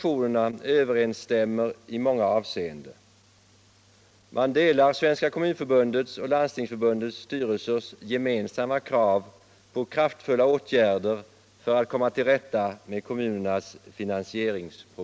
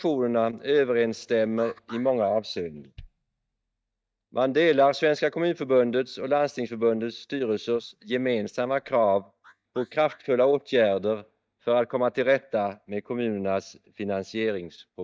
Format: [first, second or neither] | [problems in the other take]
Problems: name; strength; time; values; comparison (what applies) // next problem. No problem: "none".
first | noise reduction (neural mask model DeepFilterNet 3)